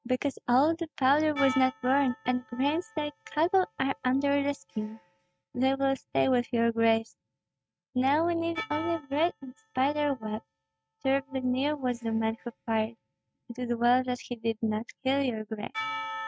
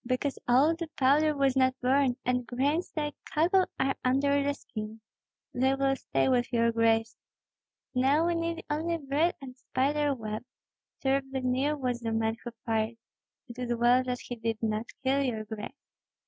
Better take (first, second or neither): second